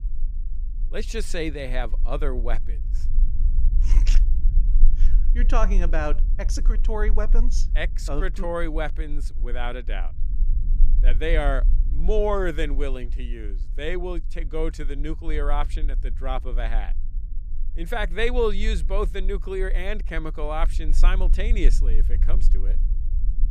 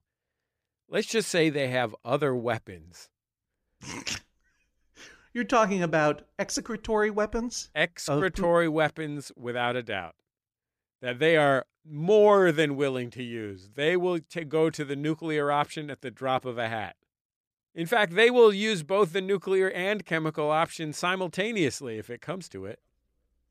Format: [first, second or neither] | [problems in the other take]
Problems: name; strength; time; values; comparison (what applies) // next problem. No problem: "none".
second | low rumble; faint; throughout; 20 dB below the speech